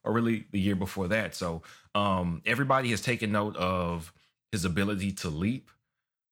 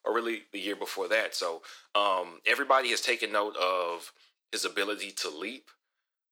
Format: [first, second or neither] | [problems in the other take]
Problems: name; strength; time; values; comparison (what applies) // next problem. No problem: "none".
first | thin; very; fading below 350 Hz